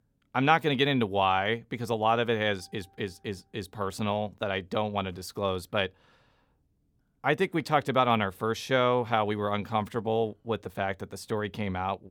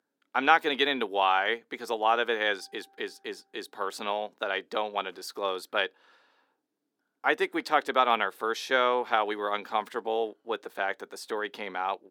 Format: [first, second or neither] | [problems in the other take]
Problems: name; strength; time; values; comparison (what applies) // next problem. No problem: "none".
first | thin; somewhat; fading below 300 Hz